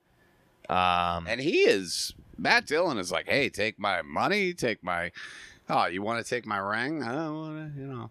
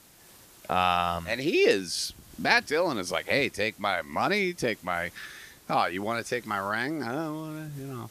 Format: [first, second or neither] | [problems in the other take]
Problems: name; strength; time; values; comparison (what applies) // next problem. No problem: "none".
first | hiss; faint; throughout; 25 dB below the speech